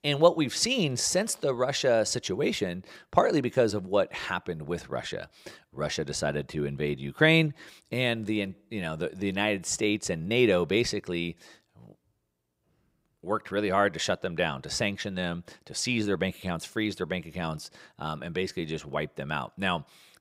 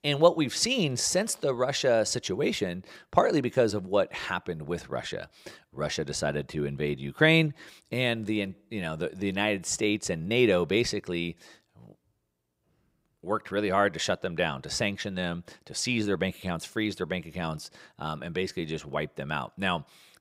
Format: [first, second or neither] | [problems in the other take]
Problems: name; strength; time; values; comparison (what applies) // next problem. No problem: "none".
neither | none